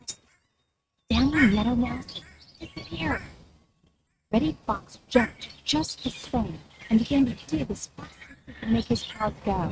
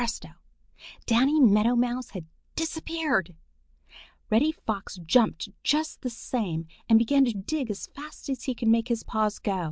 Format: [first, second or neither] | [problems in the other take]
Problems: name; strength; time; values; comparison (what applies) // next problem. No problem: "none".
second | noise reduction (neural mask model RNNoise)